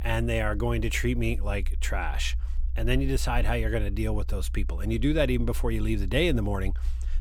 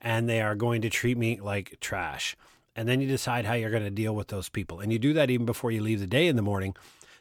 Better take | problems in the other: second | low rumble; faint; throughout; 25 dB below the speech

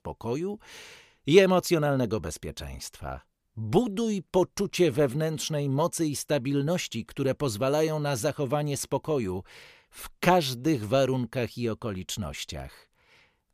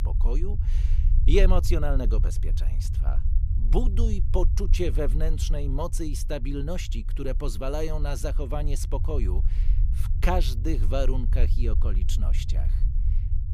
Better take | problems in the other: first | low rumble; noticeable; throughout; 15 dB below the speech

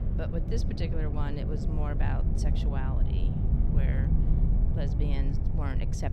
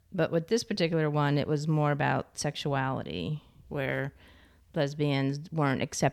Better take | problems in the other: second | low rumble; loud; throughout; 1 dB below the speech

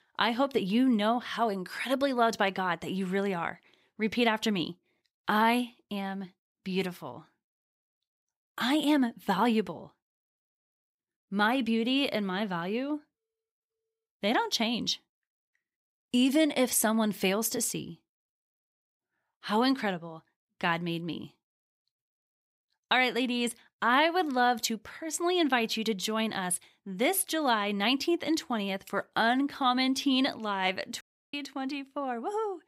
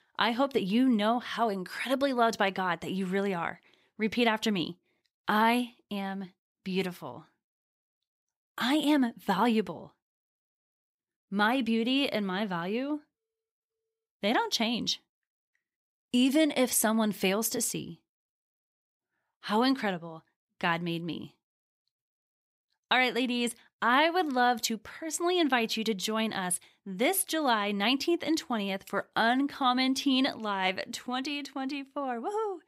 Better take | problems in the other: second | audio cutting out; at 31 s

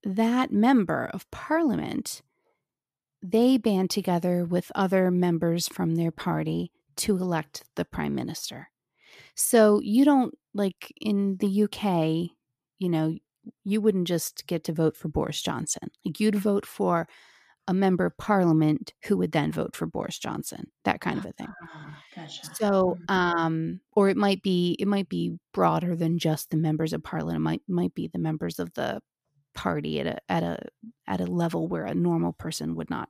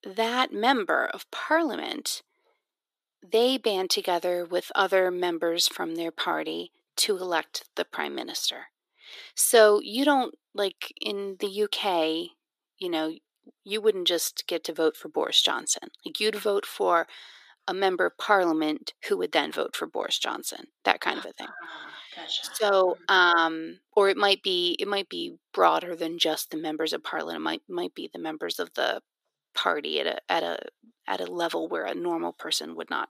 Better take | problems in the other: first | thin; very; fading below 350 Hz

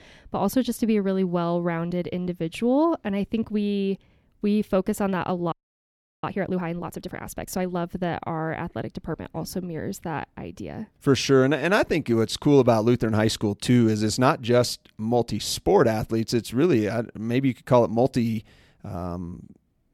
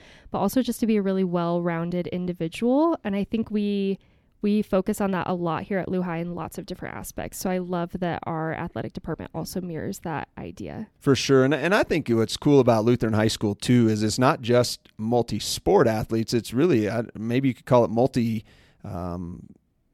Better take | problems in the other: second | audio freezing; at 5.5 s for 0.5 s

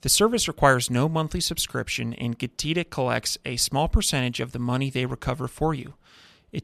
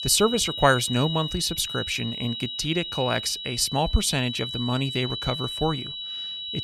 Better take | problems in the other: first | high-pitched whine; loud; throughout; 4 kHz, 5 dB below the speech

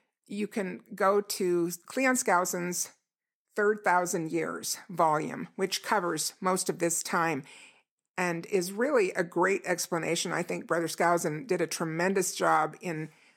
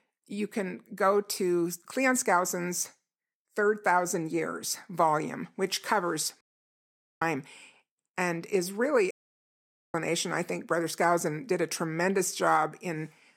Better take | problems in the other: first | audio cutting out; at 6.5 s for 1 s and at 9 s for 1 s

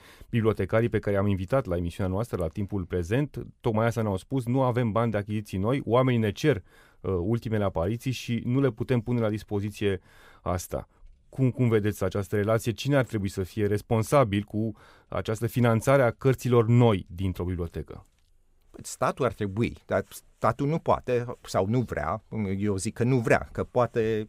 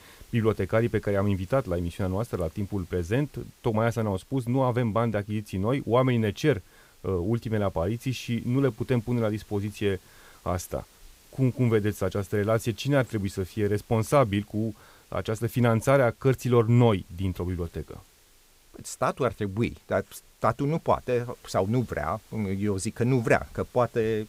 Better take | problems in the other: first | hiss; faint; throughout; 30 dB below the speech

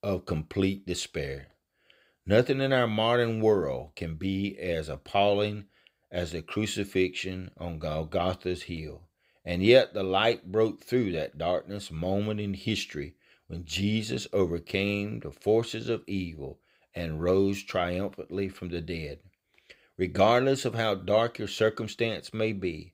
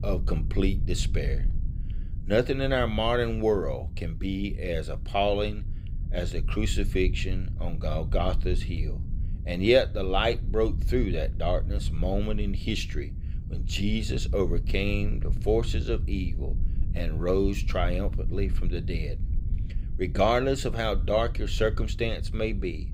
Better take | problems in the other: first | low rumble; noticeable; throughout; 20 dB below the speech

